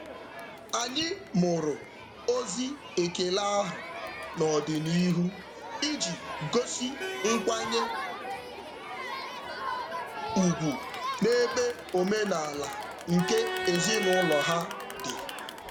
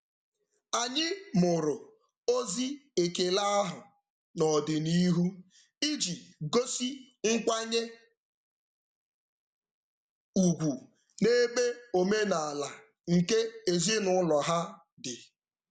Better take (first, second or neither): second